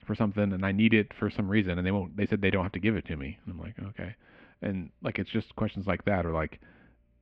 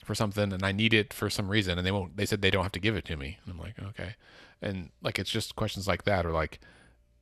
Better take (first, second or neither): second